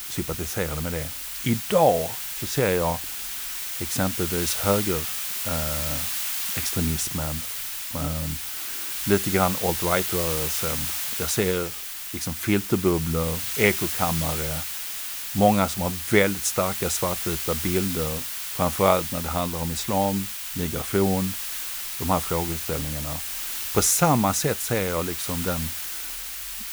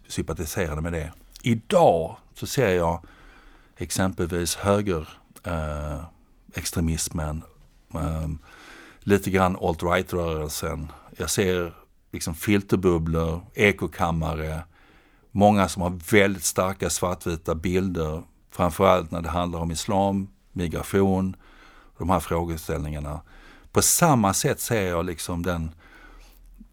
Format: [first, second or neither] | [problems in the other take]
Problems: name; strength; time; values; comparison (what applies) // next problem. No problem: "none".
second | hiss; loud; throughout; 3 dB below the speech